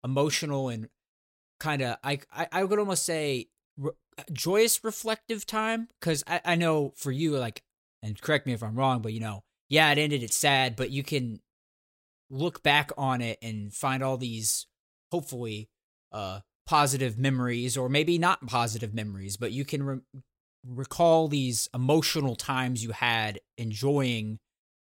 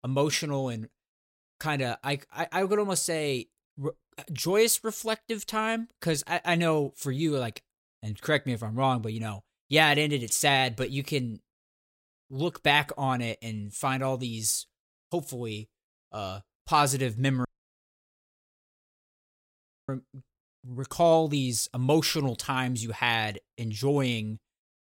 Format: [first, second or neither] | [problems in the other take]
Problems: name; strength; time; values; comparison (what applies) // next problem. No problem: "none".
first | audio cutting out; at 17 s for 2.5 s